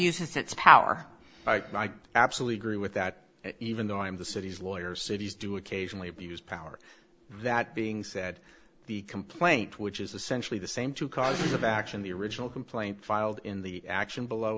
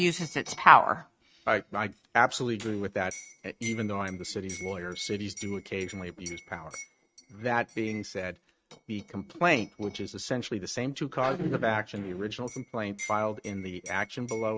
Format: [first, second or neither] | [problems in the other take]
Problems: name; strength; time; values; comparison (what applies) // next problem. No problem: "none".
first | noise reduction (neural mask model RNNoise)